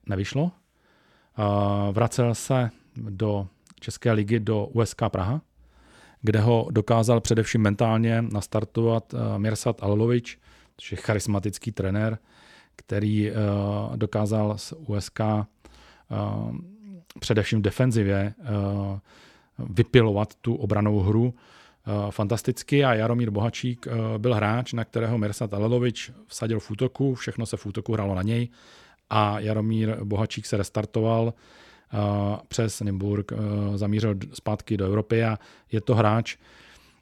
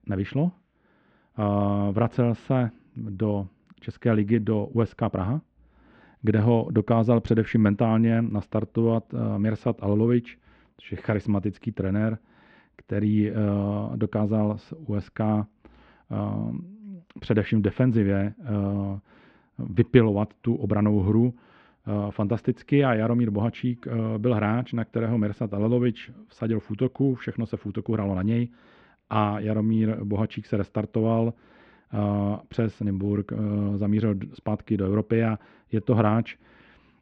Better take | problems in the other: first | muffled; very; fading above 3 kHz

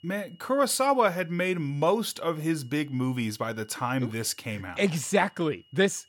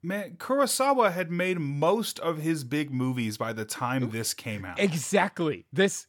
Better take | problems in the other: second | high-pitched whine; faint; throughout; 3 kHz, 30 dB below the speech

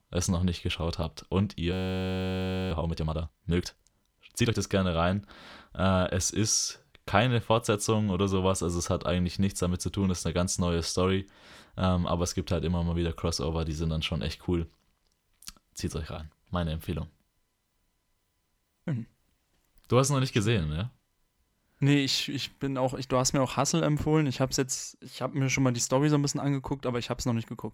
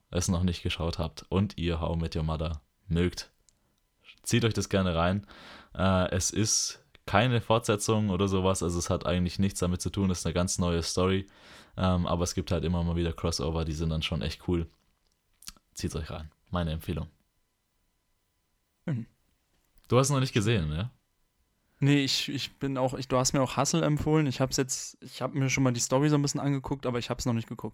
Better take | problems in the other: second | audio freezing; at 1.5 s for 1 s

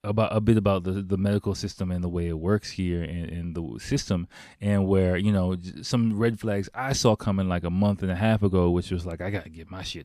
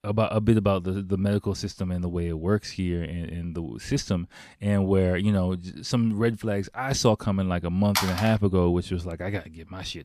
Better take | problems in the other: first | phone ringing; noticeable; at 8 s; peak 1 dB below the speech

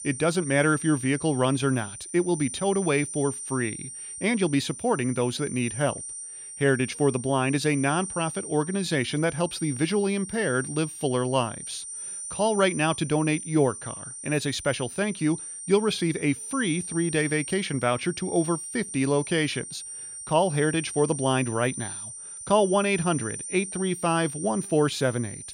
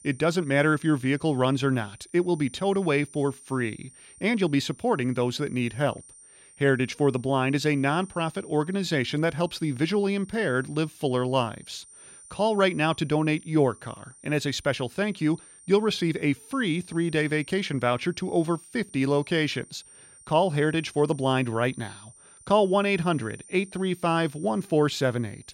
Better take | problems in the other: second | high-pitched whine; loud; throughout; 9 kHz, 9 dB below the speech; faint in the second

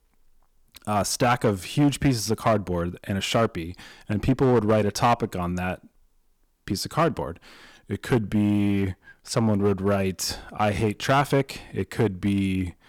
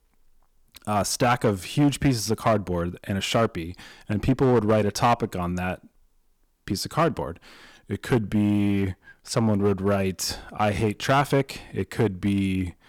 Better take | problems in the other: neither | distortion; slight; 4% of the sound clipped; the same in both

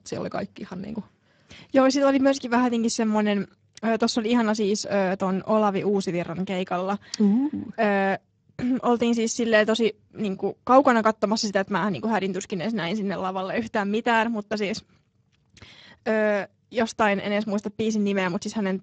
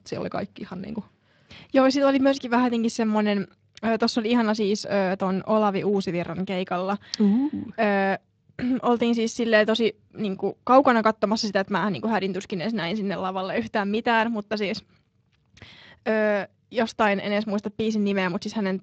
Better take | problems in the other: second | garbled, watery; badly; nothing above 7.5 kHz; slightly in the second

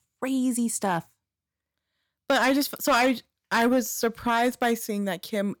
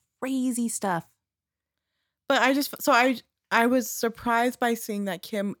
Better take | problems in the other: second | distortion; slight; 3% of the sound clipped

